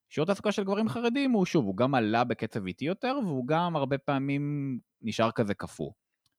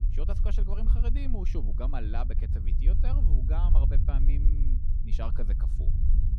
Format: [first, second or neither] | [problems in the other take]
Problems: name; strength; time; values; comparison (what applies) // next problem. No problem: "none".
first | low rumble; loud; throughout; 4 dB below the speech